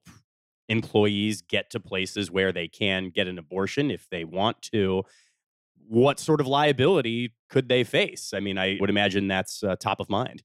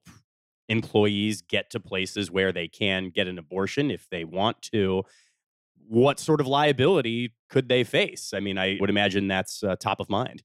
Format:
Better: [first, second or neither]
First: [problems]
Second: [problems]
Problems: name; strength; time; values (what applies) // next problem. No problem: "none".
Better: neither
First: none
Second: none